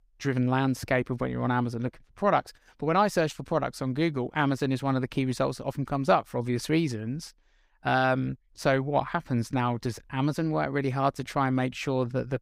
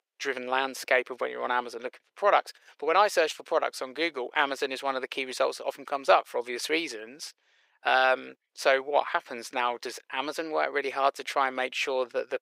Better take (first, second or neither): first